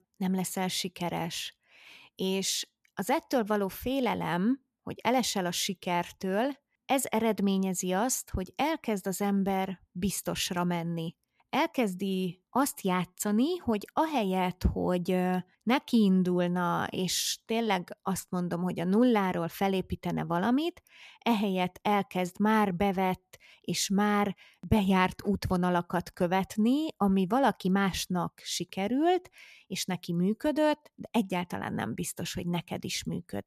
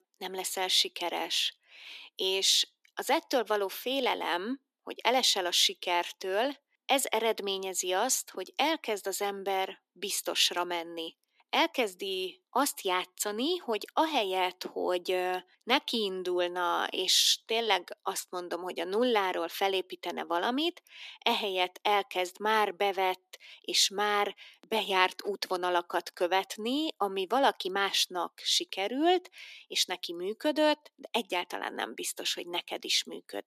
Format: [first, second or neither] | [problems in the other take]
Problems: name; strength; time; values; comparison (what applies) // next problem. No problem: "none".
first | thin; somewhat; fading below 300 Hz